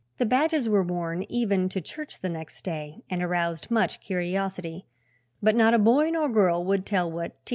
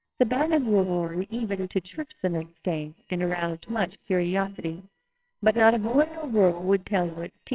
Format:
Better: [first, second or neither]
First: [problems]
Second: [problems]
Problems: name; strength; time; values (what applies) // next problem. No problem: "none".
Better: first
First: none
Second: noise reduction (neural separator model SepFormer WHAMR!)